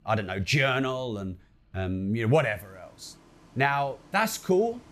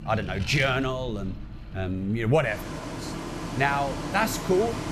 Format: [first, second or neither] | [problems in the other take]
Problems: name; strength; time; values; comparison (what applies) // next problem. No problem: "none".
first | traffic noise; loud; throughout; 9 dB below the speech; faint in the first